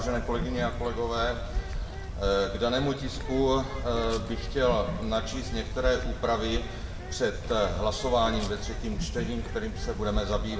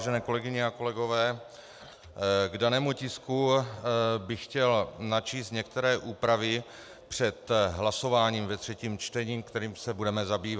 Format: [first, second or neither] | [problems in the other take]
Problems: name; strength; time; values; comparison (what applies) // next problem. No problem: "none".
second | background sound (Bird); 4 dB below the speech // room echo; dies away in 1.4 s